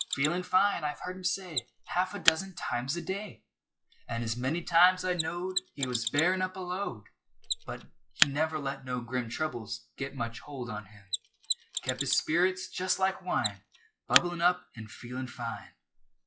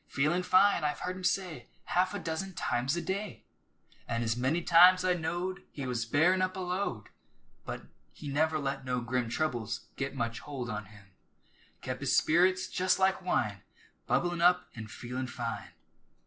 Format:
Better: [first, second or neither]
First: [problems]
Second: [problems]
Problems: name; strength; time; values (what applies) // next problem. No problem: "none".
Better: second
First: noise reduction (classical method log-MMSE)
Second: none